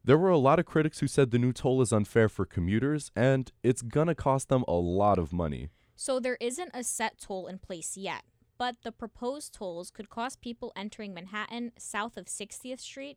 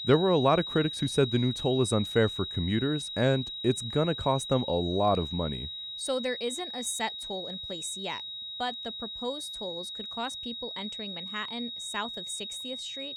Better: first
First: none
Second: high-pitched whine; loud; throughout; 4 kHz, 6 dB below the speech

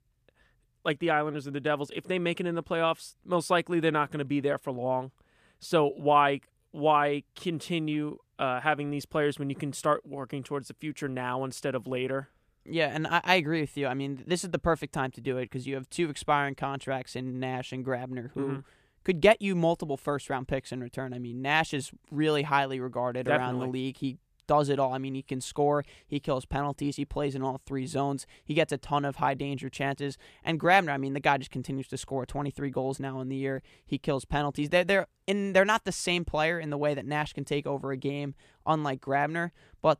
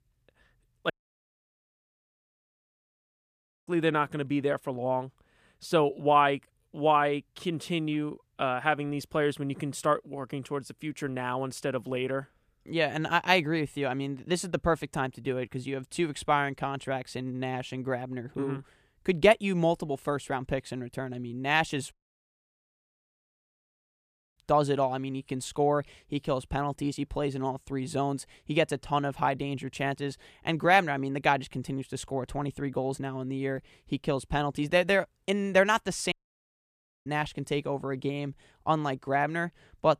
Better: first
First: none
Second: audio cutting out; at 1 s for 3 s, at 22 s for 2.5 s and at 36 s for 1 s

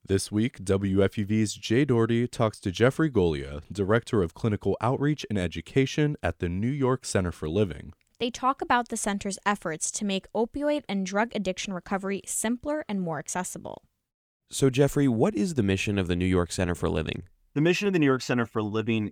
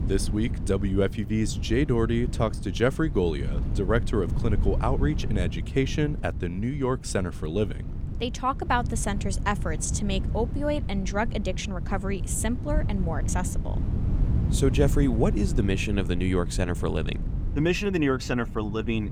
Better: first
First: none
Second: wind noise on the microphone; occasional gusts; 15 dB below the speech

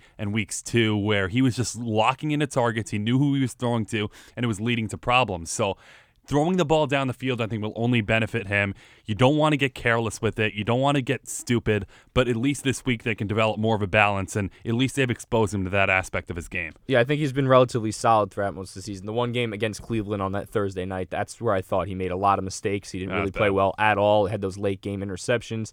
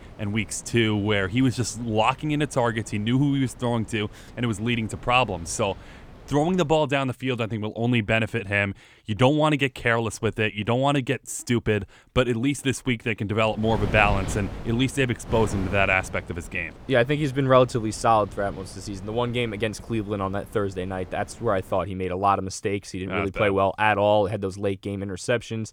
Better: first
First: none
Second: wind noise on the microphone; occasional gusts; until 6.5 s and from 13 to 22 s; 20 dB below the speech

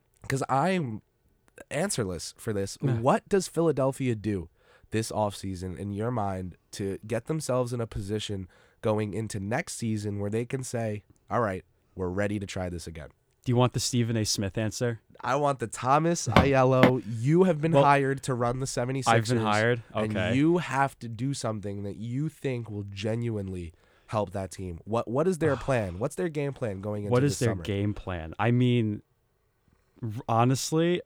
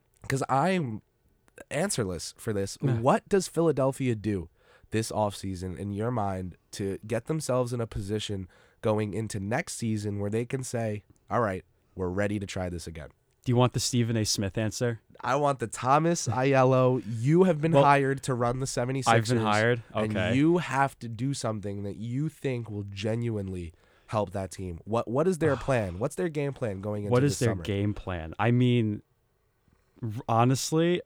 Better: second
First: footsteps; loud; at 16 s; peak 3 dB above the speech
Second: none

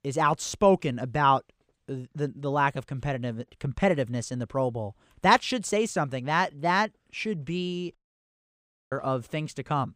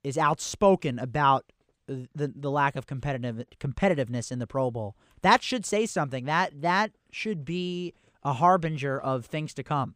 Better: second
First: audio cutting out; at 8 s for 1 s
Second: none

